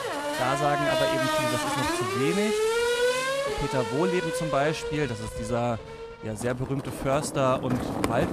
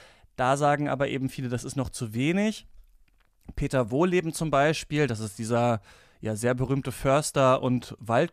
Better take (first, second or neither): second